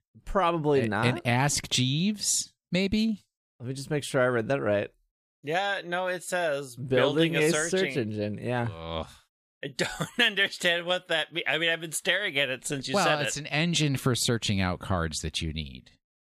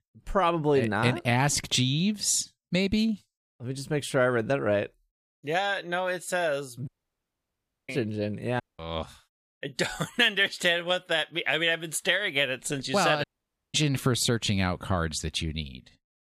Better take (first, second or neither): first